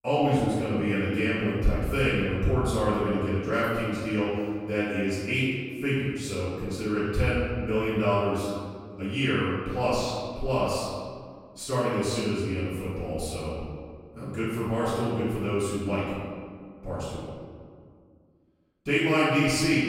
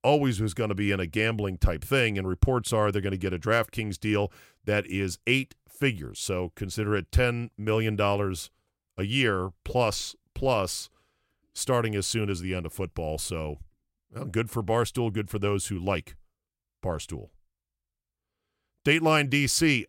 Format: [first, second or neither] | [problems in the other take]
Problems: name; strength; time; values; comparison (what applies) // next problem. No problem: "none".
second | off-mic speech; far // room echo; strong; dies away in 1.8 s